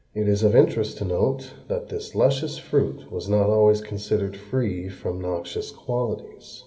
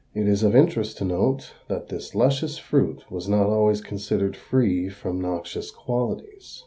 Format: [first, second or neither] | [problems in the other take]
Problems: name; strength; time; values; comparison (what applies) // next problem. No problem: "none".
second | room echo; dies away in 1.5 s